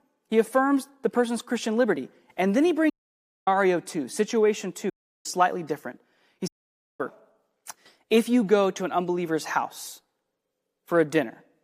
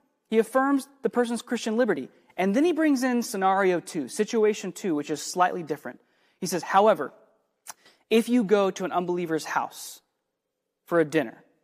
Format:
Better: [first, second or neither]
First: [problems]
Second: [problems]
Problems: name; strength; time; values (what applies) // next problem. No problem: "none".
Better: second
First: audio cutting out; at 3 s for 0.5 s, at 5 s and at 6.5 s for 0.5 s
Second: none